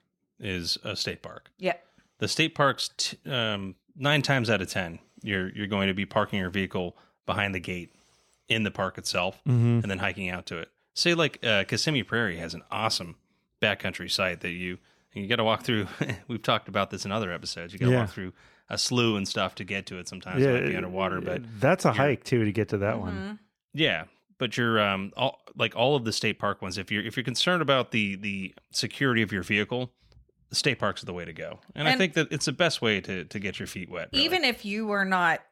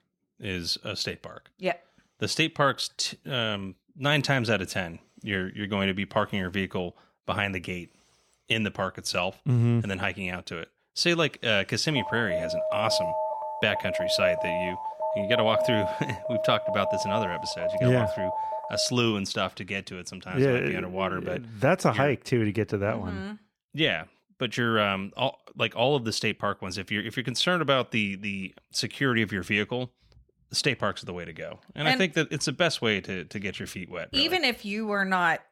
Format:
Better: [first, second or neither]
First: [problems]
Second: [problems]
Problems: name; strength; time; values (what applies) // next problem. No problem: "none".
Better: first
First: none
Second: alarm; loud; from 12 to 19 s; peak 1 dB above the speech